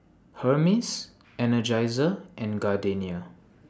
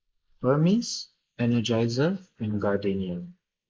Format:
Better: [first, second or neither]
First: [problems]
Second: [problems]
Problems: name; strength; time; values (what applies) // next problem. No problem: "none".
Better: first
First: none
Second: noise reduction (neural mask model Resemble Enhance denoiser)